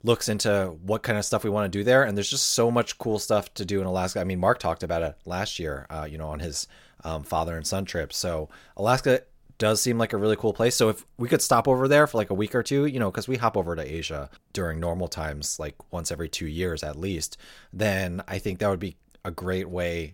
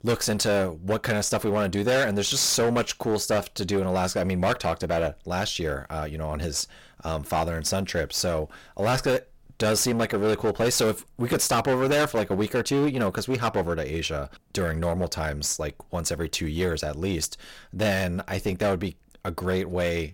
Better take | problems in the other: first | distortion; heavy; 11% of the sound clipped

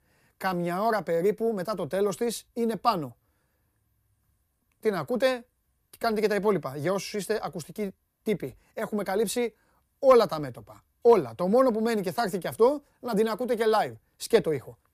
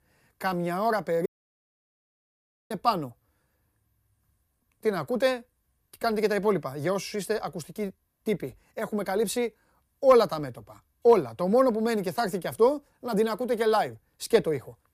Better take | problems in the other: first | audio cutting out; at 1.5 s for 1.5 s

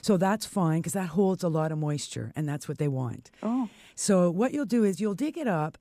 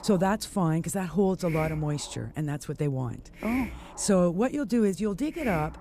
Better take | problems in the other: first | hiss; noticeable; throughout; 15 dB below the speech

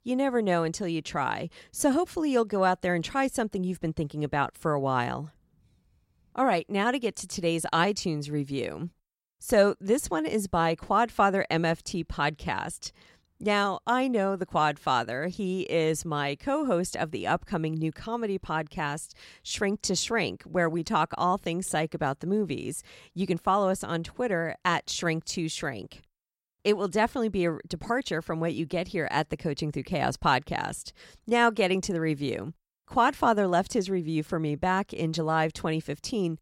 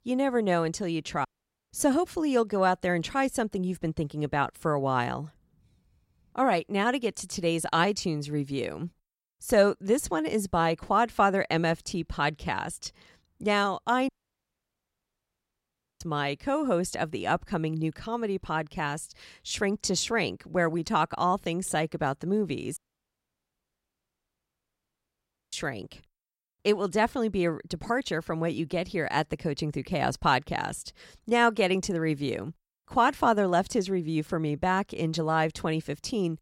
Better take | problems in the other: first | audio cutting out; at 1.5 s, at 14 s for 2 s and at 23 s for 3 s

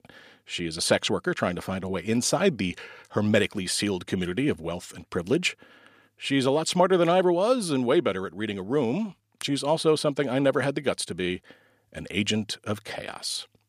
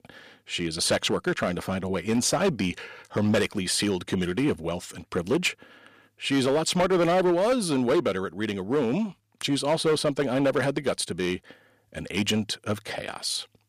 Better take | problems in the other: first | distortion; slight; 6% of the sound clipped

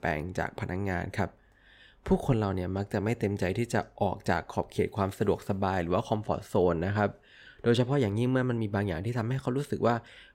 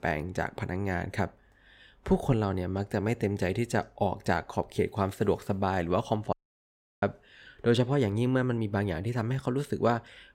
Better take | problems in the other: first | audio cutting out; at 6.5 s for 0.5 s

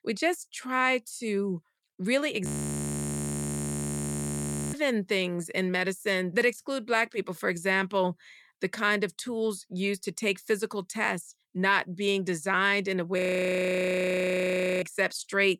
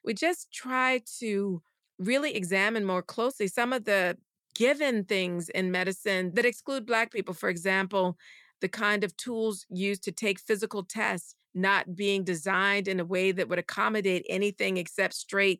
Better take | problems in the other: second | audio freezing; at 2.5 s for 2.5 s and at 13 s for 1.5 s

